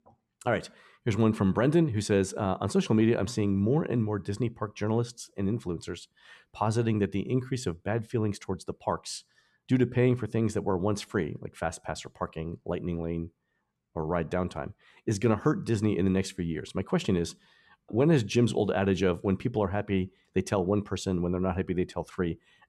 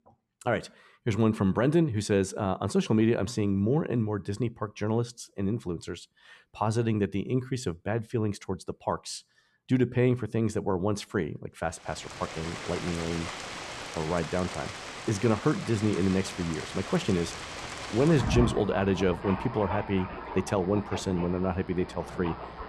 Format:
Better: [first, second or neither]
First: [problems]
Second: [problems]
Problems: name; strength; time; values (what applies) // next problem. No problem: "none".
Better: first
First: none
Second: rain or running water; loud; from 12 s on; 8 dB below the speech